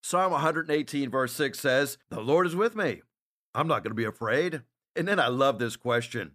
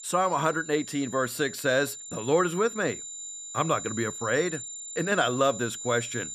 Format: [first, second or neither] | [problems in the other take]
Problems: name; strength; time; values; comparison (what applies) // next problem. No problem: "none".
first | high-pitched whine; loud; throughout; 7 kHz, 10 dB below the speech